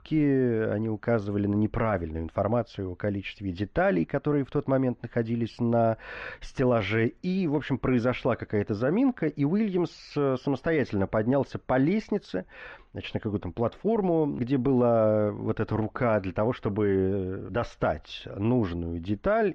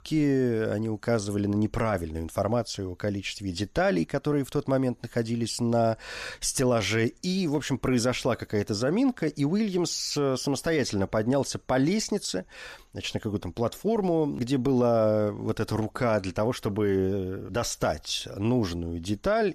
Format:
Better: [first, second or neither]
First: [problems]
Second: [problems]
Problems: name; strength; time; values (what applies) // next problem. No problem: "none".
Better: second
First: muffled; very; fading above 2.5 kHz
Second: none